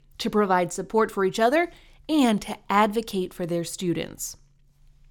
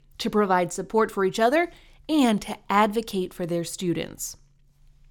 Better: neither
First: none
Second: none

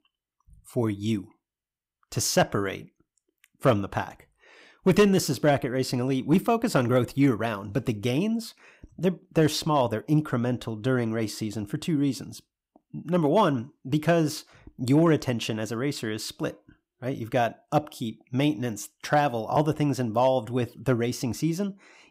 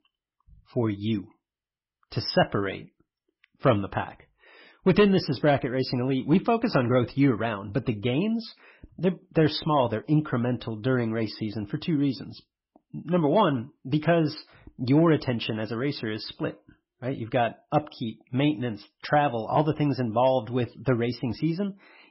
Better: first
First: none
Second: garbled, watery; badly; nothing above 5.5 kHz

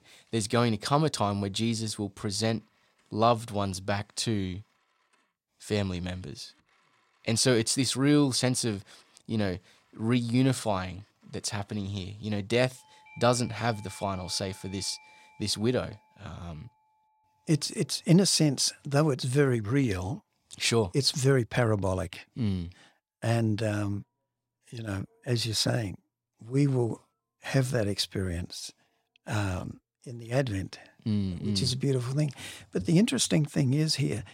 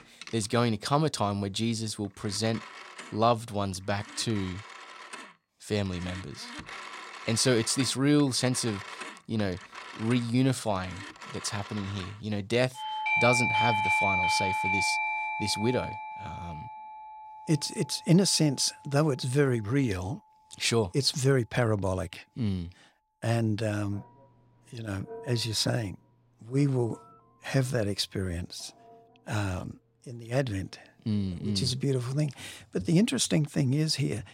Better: first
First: alarms or sirens; faint; throughout; 30 dB below the speech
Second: alarms or sirens; loud; throughout; 4 dB below the speech

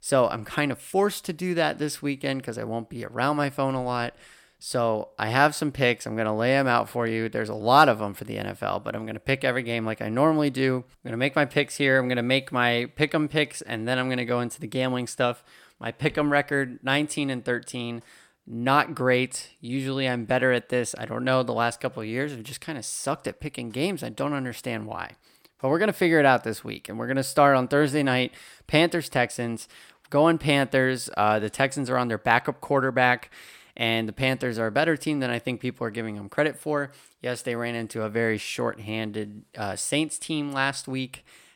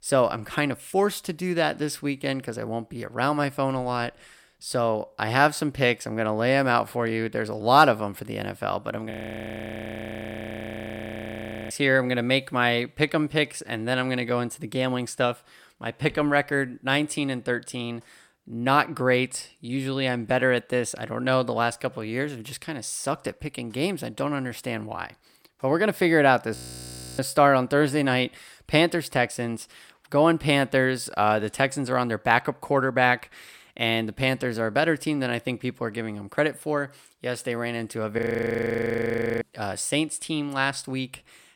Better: first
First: none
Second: audio freezing; at 9 s for 2.5 s, at 27 s for 0.5 s and at 38 s for 1 s

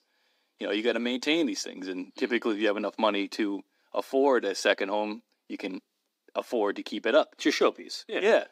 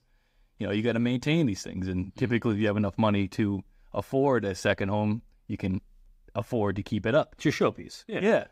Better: second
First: thin; somewhat; fading below 250 Hz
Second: none

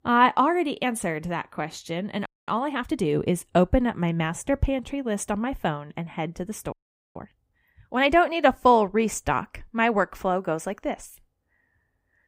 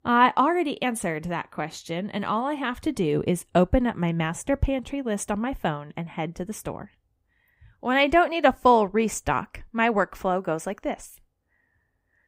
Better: second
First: audio freezing; at 2.5 s and at 6.5 s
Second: none

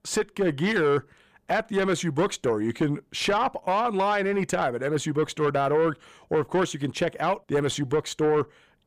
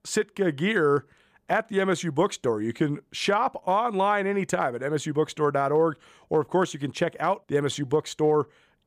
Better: second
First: distortion; slight; 10 dB below the speech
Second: none

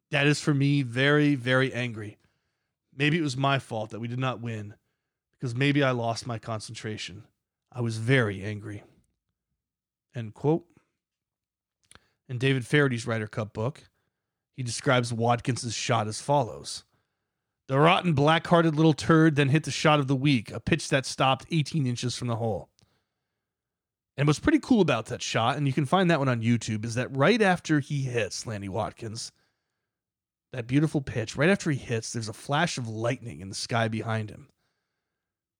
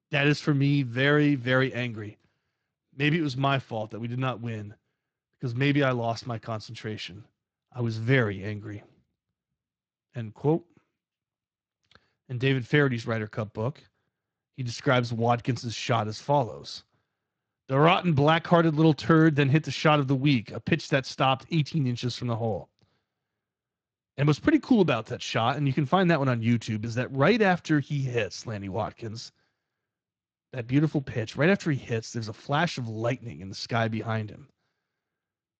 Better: first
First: none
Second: garbled, watery; slightly

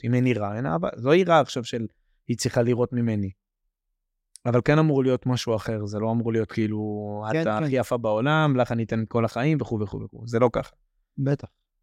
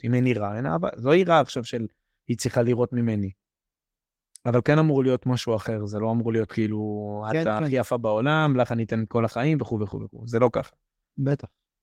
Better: first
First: none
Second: garbled, watery; slightly; nothing above 16 kHz

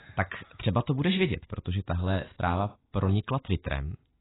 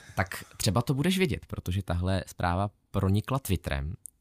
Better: second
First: garbled, watery; badly; nothing above 4 kHz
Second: none

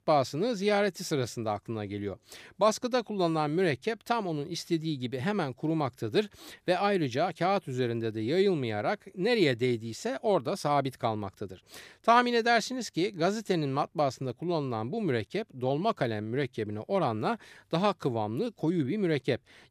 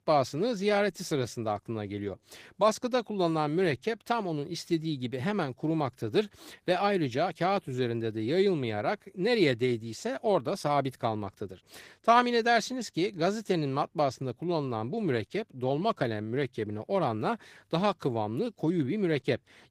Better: first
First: none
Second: garbled, watery; slightly; nothing above 15 kHz

